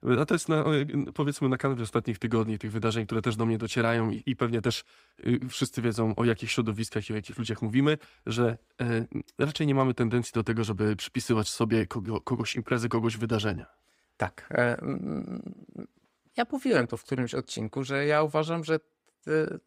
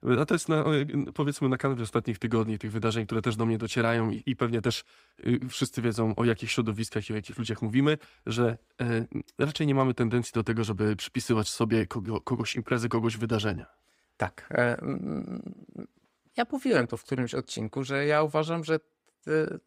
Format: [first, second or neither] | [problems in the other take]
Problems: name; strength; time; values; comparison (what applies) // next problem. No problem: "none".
neither | none